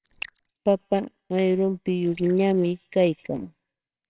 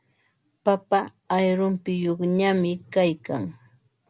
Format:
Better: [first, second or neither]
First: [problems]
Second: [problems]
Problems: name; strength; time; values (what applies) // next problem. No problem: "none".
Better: second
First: noise reduction (neural separator model SepFormer WHAMR!)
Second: none